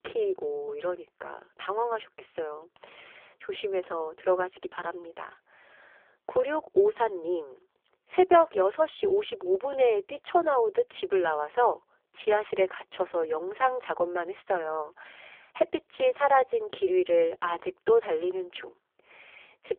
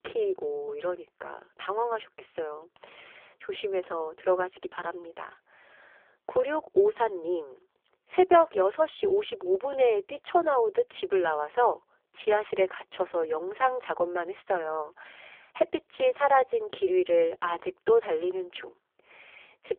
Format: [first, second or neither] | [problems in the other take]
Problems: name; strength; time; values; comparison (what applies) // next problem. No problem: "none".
neither | phone-call audio; poor line; nothing above 3.5 kHz; the same in both